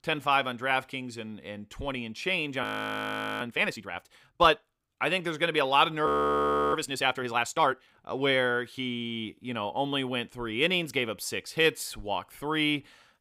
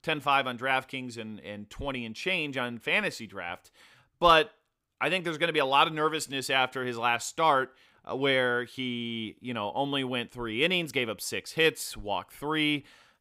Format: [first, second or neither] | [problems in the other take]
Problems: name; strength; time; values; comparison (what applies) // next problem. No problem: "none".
second | audio freezing; at 2.5 s for 1 s and at 6 s for 0.5 s